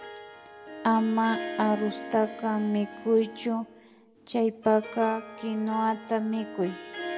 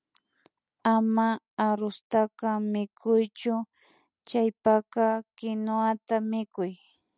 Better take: second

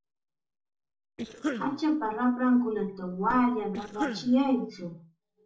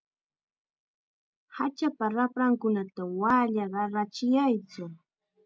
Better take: second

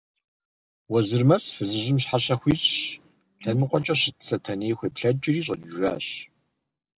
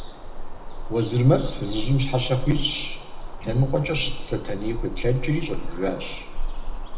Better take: first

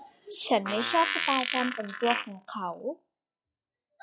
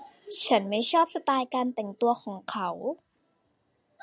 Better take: second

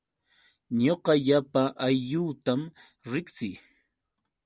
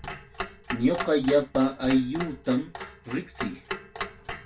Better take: first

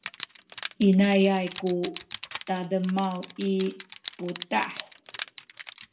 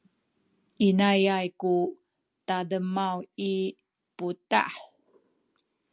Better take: second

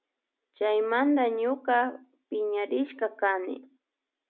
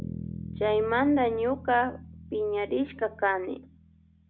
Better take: first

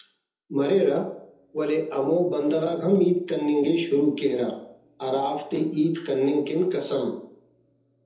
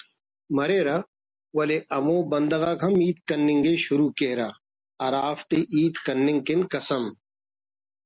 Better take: second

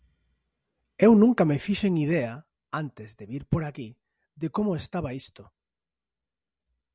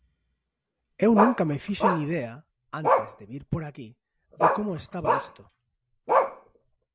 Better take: first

